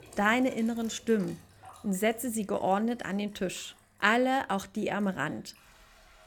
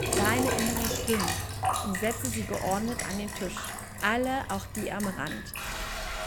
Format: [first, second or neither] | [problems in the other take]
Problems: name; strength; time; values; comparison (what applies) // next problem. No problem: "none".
first | household noises; loud; throughout; 1 dB below the speech; faint in the first